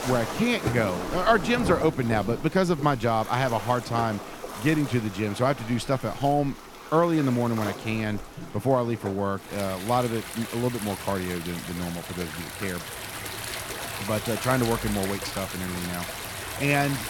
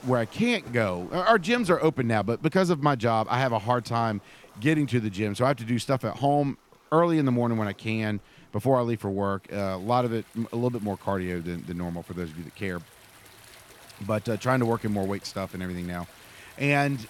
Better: second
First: rain or running water; loud; throughout; 8 dB below the speech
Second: rain or running water; faint; throughout; 25 dB below the speech

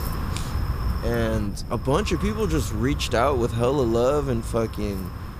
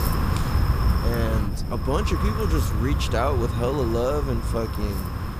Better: first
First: wind noise on the microphone; occasional gusts; 10 dB below the speech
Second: wind noise on the microphone; heavy; 4 dB below the speech

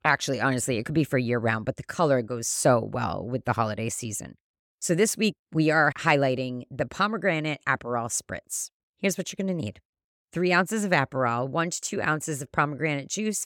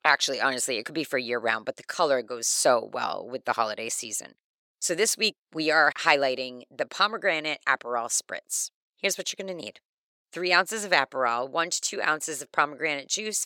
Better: first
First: none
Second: thin; somewhat; fading below 450 Hz

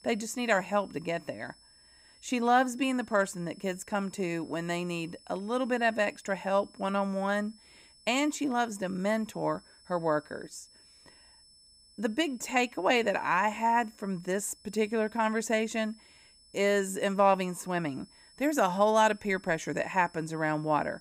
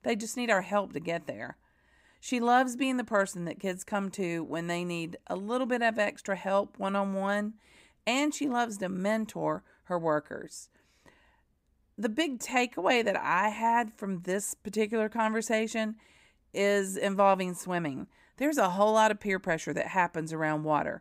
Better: second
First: high-pitched whine; faint; throughout; 5.5 kHz, 25 dB below the speech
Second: none

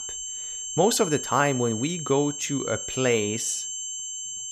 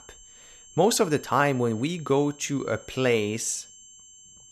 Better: second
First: high-pitched whine; loud; throughout; 7.5 kHz, 6 dB below the speech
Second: high-pitched whine; faint; throughout; 7.5 kHz, 20 dB below the speech

